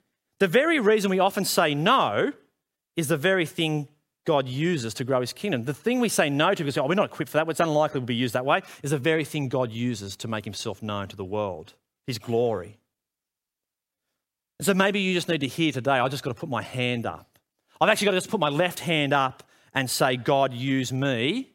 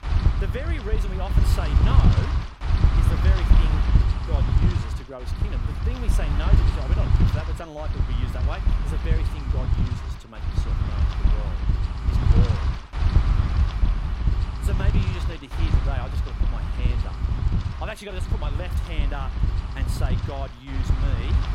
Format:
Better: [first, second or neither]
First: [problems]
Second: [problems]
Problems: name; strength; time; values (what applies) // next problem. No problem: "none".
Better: first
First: none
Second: wind noise on the microphone; heavy; 2 dB above the speech